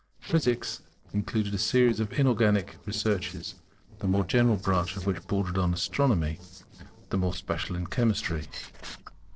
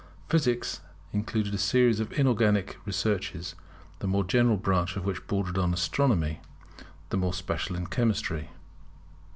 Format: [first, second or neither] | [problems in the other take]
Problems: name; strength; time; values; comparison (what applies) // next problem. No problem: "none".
second | noise reduction (neural separator model SepFormer DNS4)